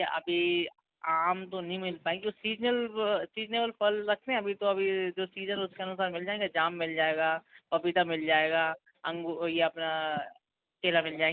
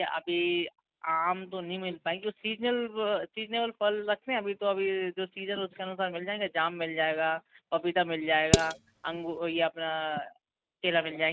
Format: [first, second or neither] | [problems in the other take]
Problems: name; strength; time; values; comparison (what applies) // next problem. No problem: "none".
first | noise reduction (neural mask model RNNoise)